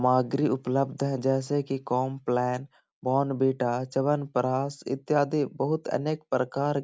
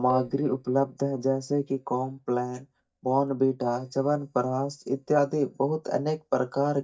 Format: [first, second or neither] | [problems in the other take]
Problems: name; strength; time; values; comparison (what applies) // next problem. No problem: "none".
first | noise reduction (neural mask model DeepFilterNet 3)